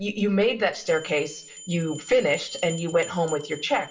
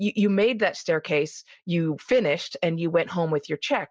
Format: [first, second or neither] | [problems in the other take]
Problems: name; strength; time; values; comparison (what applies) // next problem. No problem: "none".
second | background sound (Bell); 18 dB below the speech // room echo; dies away in 0.4 s